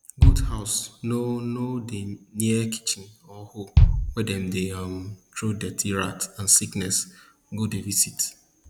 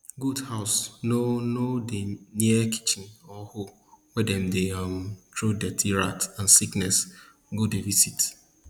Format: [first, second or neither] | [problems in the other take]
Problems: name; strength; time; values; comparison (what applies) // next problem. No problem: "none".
second | background sound (Bass drum); 4 dB above the speech